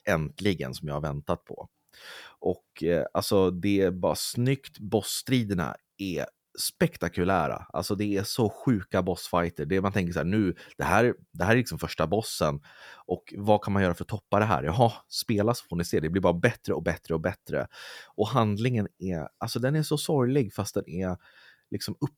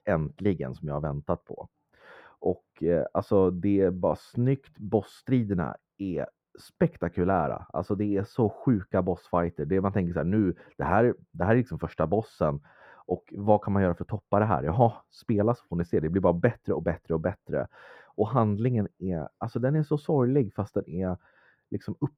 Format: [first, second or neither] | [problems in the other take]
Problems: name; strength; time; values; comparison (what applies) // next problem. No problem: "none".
first | muffled; very; fading above 2.5 kHz